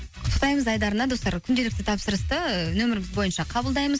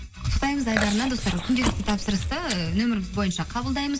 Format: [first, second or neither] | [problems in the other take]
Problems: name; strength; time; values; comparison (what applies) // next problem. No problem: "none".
first | background sound (Chewing, mastication); 6 dB below the speech // room echo; dies away in 0.3 s